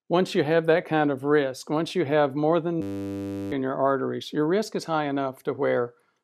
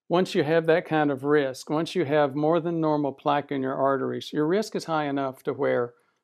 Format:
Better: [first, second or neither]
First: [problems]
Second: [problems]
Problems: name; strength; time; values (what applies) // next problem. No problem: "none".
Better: second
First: audio freezing; at 3 s for 0.5 s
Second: none